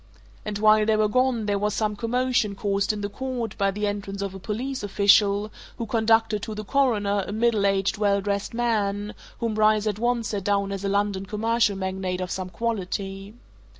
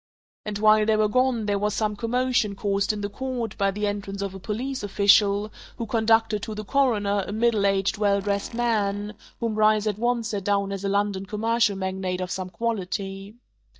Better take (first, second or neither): first